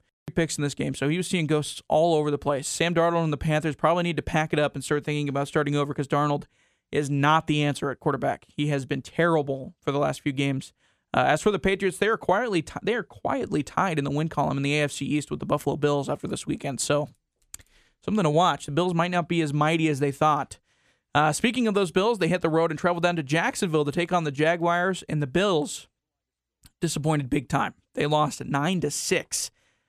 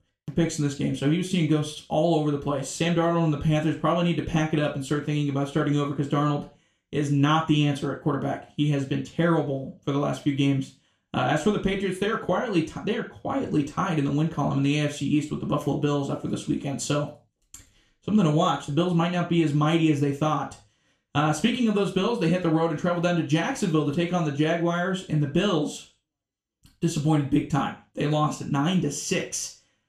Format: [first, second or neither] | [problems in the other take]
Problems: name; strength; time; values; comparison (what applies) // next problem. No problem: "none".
first | room echo; slight; dies away in 0.3 s // off-mic speech; far